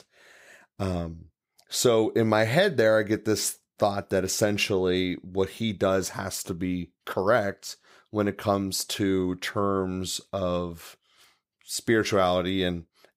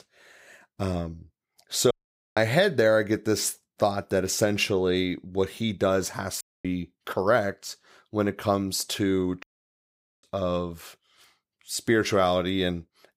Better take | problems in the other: first | audio cutting out; at 2 s, at 6.5 s and at 9.5 s for 1 s

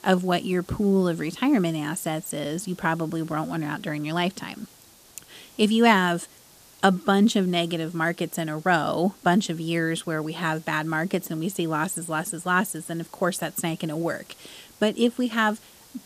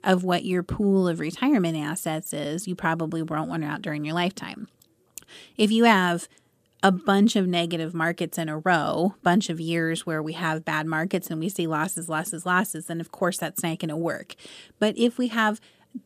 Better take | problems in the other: second | hiss; faint; throughout; 25 dB below the speech

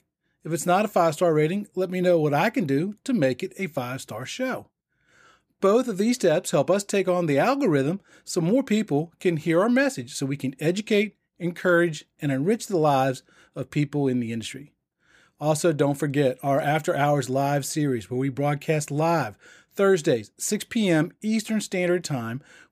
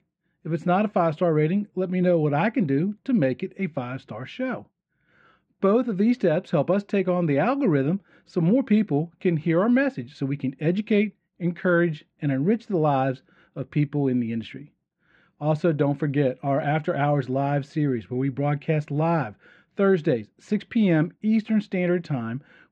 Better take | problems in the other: first | muffled; very; fading above 3 kHz

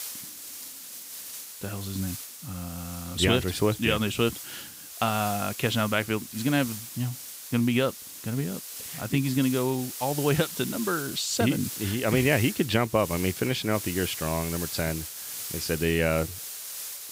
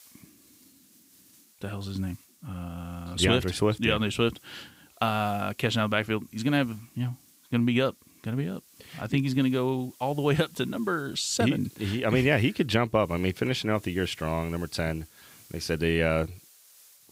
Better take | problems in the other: second | hiss; loud; throughout; 9 dB below the speech; faint in the second

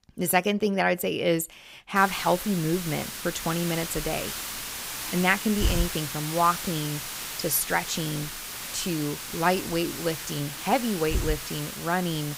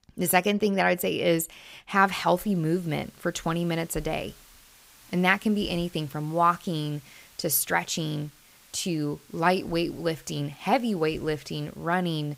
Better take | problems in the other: second | hiss; loud; from 2 s on; 6 dB below the speech; faint in the second

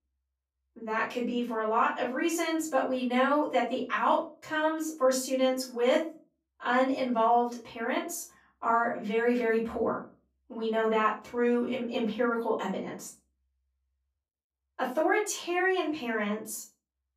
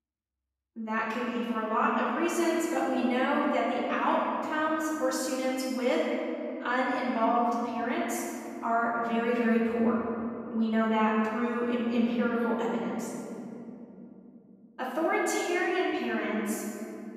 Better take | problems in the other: first | room echo; strong; dies away in 3 s; slight in the first // off-mic speech; far; far in the first

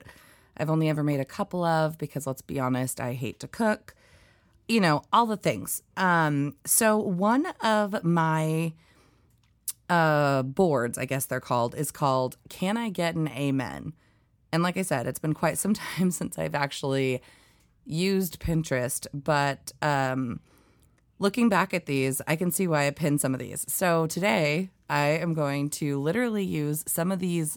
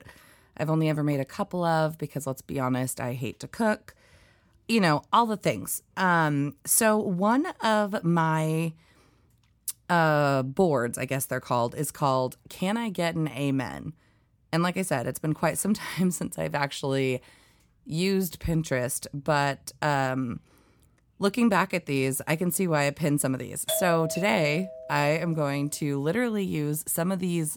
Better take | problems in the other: first | doorbell; noticeable; from 24 to 25 s; peak 5 dB below the speech

